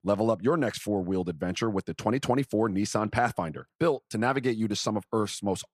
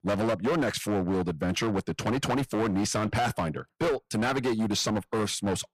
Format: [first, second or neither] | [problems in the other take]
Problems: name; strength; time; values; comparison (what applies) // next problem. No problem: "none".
first | distortion; heavy; 20% of the sound clipped